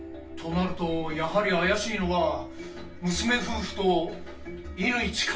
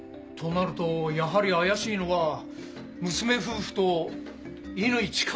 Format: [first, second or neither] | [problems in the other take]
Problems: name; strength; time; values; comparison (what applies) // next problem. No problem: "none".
second | room echo; dies away in 0.3 s